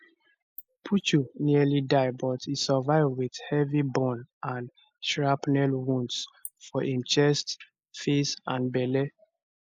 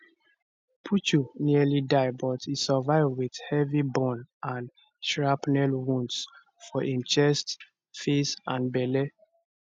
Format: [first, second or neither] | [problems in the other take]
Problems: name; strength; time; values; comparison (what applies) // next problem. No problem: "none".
second | noise reduction (neural mask model Resemble Enhance denoiser)